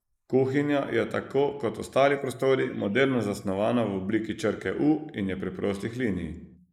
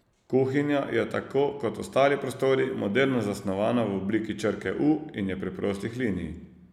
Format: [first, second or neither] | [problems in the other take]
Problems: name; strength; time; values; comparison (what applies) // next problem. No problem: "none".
second | noise reduction (neural mask model Resemble Enhance denoiser)